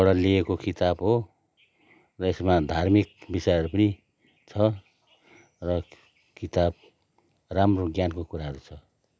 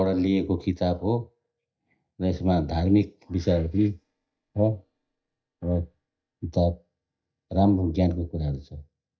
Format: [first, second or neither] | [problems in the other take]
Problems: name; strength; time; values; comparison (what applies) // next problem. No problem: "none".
first | noise reduction (neural mask model DeepFilterNet 3)